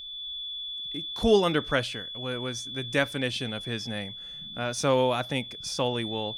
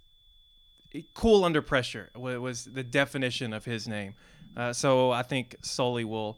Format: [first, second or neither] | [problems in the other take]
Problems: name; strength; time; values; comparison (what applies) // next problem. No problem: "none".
second | high-pitched whine; loud; throughout; 3.5 kHz, 8 dB below the speech; faint in the second